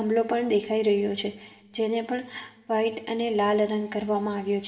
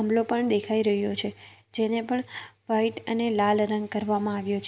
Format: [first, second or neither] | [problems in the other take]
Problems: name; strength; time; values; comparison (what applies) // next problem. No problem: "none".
second | room echo; dies away in 0.8 s